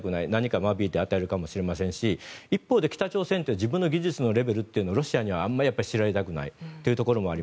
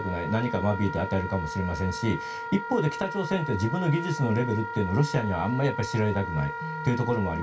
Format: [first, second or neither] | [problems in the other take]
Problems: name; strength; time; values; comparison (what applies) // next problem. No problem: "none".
first | background sound (Wind instrument, woodwind instrument); 8 dB below the speech // room echo; dies away in 0.2 s